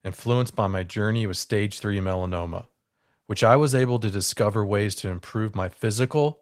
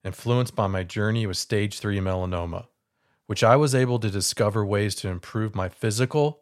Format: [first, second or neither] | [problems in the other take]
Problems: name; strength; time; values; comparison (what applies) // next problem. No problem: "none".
second | garbled, watery; slightly; nothing above 16 kHz